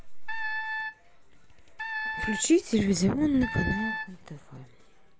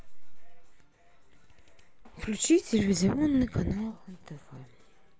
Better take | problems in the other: second | background sound (Wind instrument, woodwind instrument); 6 dB below the speech

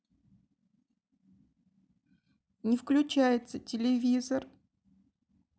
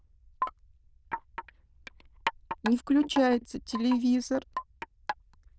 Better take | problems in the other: first | noise reduction (neural diffusion model UNIVERSE++)

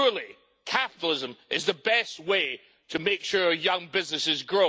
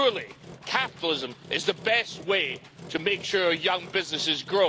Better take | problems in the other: first | background sound (Engine); 18 dB below the speech

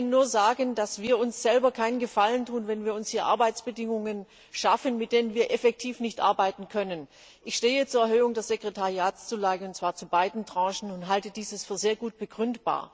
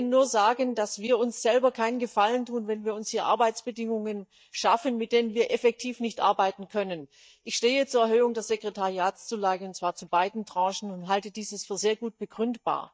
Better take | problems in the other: first | noise reduction (neural mask model DeepFilterNet 3)

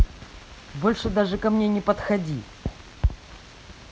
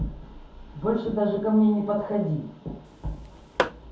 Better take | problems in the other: first | background sound (Tap / Hammer); 5 dB below the speech // room echo; dies away in 0.6 s

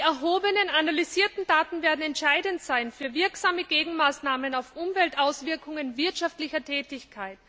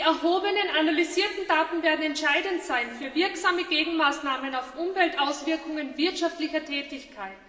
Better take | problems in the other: first | room echo; dies away in 1.7 s

